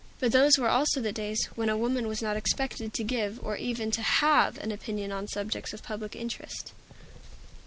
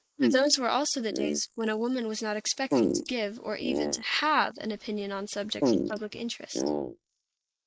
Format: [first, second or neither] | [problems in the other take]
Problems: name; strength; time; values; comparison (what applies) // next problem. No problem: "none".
first | noise reduction (neural mask model Resemble Enhance denoiser)